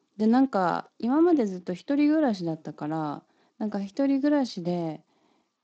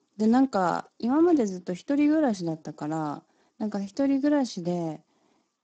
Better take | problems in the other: first | garbled, watery; badly; nothing above 7.5 kHz; slightly in the first

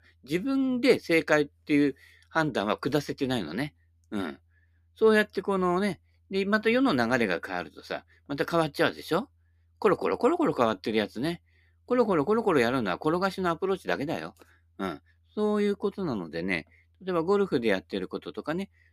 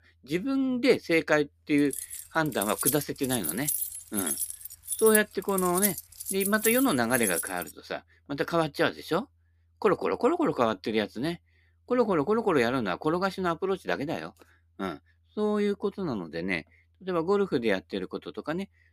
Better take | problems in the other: first | jangling keys; loud; from 2 to 7.5 s; peak 1 dB above the speech

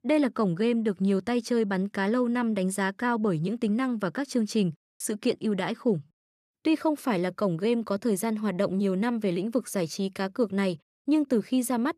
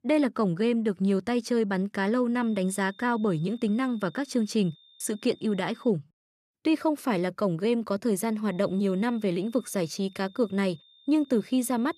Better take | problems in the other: first | high-pitched whine; faint; from 2.5 to 6 s and from 8.5 s on; 3.5 kHz, 30 dB below the speech

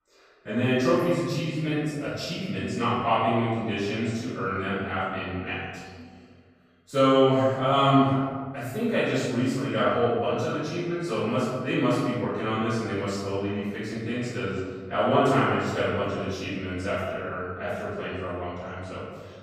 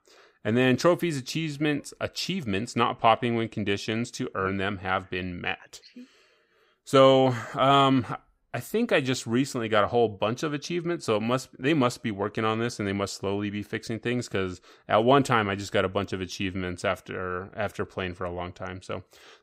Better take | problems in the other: second | off-mic speech; far // room echo; strong; dies away in 1.5 s

